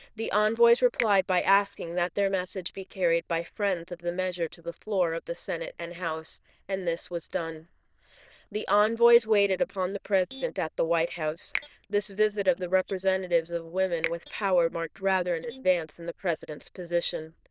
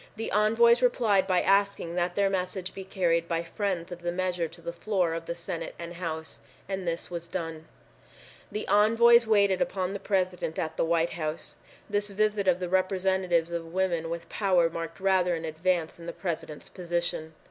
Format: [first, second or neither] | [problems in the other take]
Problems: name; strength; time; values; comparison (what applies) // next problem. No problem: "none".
second | noise reduction (neural diffusion model UNIVERSE++)